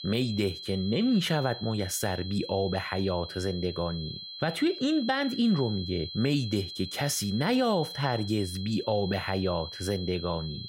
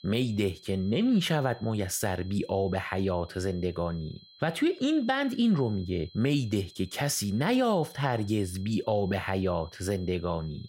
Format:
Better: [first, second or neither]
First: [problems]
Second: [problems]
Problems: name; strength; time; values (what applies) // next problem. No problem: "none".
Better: second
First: high-pitched whine; loud; throughout; 4 kHz, 10 dB below the speech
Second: high-pitched whine; faint; throughout; 4 kHz, 25 dB below the speech